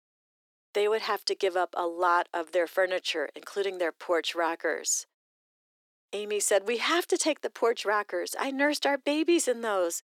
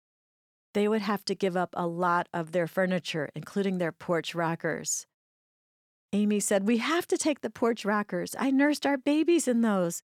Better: second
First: thin; somewhat; fading below 350 Hz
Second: none

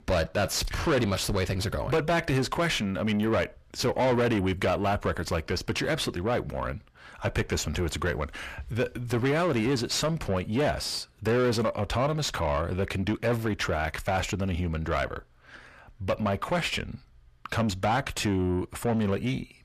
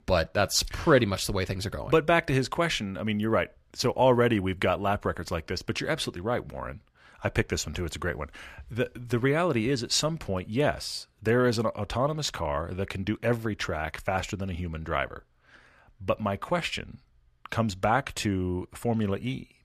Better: second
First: distortion; heavy; 7 dB below the speech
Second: none

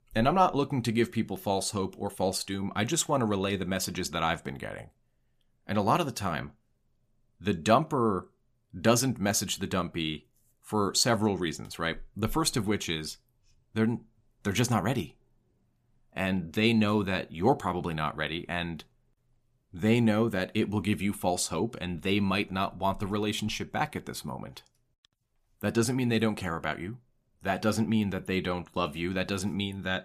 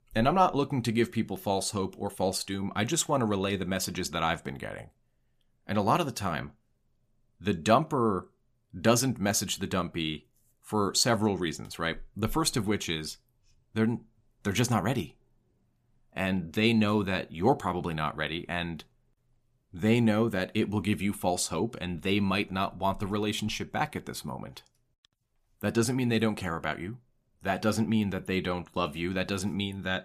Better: neither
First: none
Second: none

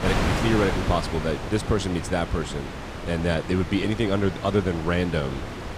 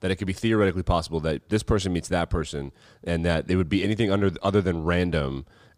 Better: second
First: wind noise on the microphone; heavy; 5 dB below the speech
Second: none

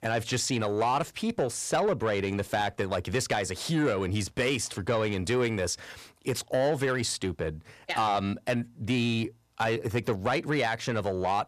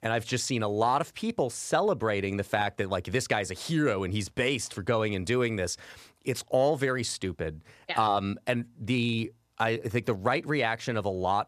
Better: second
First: distortion; slight; 10 dB below the speech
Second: none

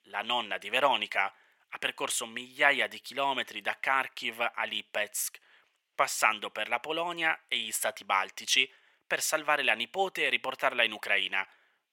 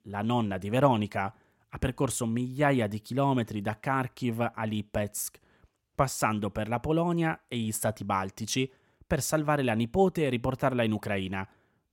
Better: second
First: thin; very; fading below 700 Hz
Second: none

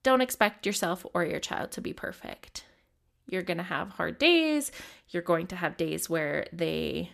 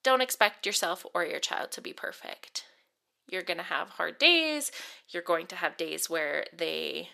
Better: first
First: none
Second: thin; somewhat; fading below 500 Hz

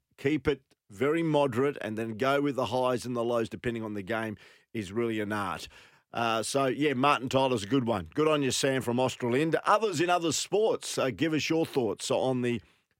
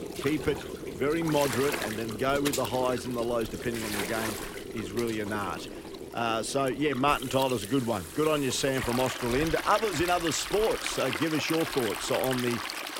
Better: first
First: none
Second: rain or running water; loud; throughout; 6 dB below the speech

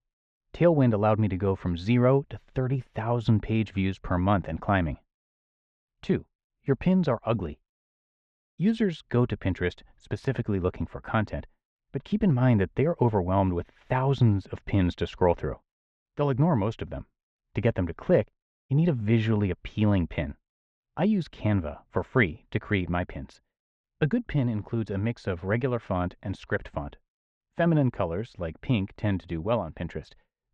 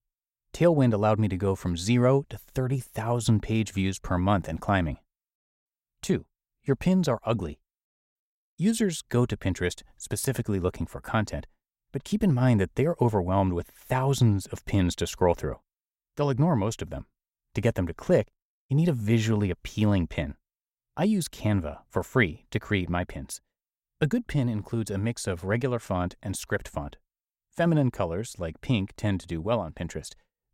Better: second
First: muffled; slightly; fading above 3 kHz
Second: none

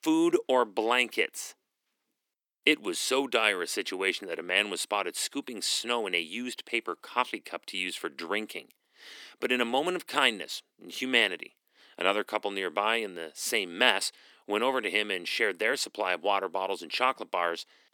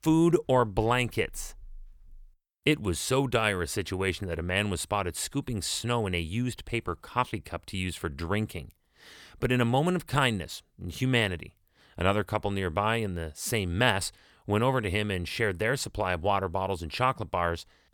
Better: second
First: thin; somewhat; fading below 250 Hz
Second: none

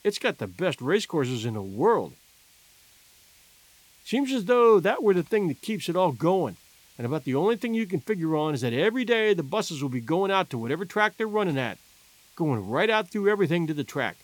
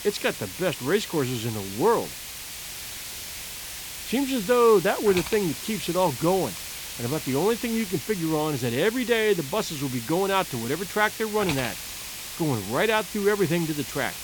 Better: first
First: hiss; faint; throughout; 30 dB below the speech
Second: hiss; loud; throughout; 8 dB below the speech

